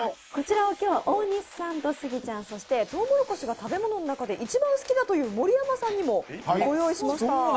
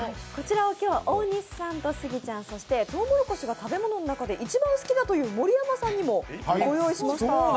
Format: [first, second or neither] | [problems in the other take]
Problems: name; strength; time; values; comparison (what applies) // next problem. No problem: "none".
second | noise reduction (neural mask model Resemble Enhance denoiser)